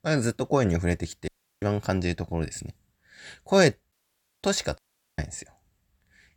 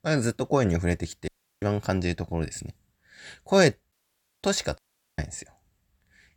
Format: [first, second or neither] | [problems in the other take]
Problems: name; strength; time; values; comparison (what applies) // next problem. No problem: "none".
neither | audio cutting out; at 1.5 s, at 4 s for 0.5 s and at 5 s; the same in both